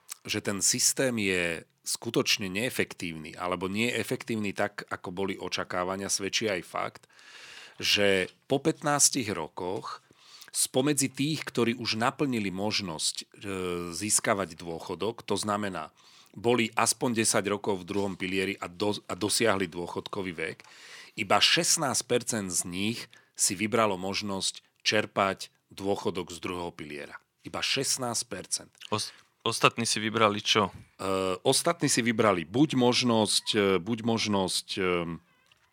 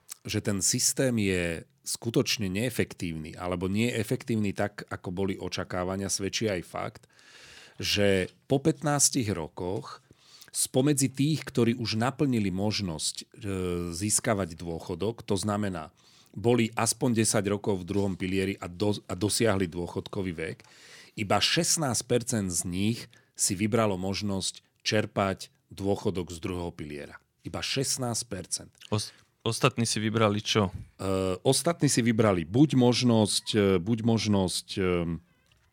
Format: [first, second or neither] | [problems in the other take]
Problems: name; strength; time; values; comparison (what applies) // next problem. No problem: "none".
second | thin; very slightly; fading below 550 Hz